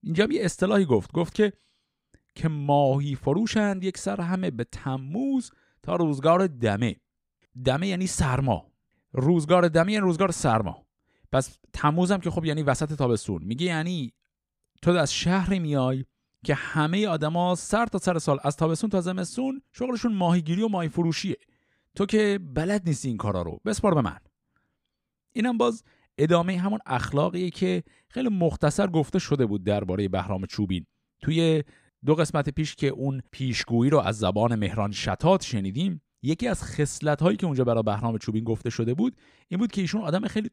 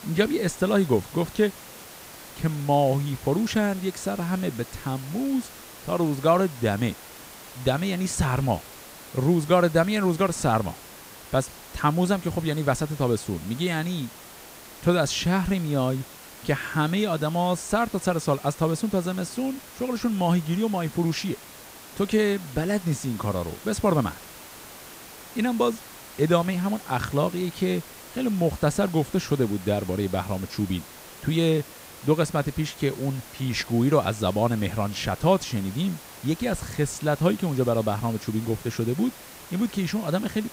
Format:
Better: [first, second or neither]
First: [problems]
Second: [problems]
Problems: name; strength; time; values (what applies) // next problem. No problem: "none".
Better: first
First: none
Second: hiss; noticeable; throughout; 15 dB below the speech